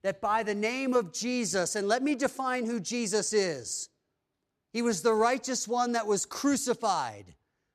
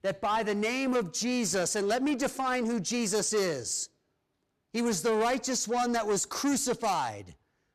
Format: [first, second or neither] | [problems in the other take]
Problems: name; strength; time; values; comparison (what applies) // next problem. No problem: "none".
first | distortion; slight; 10 dB below the speech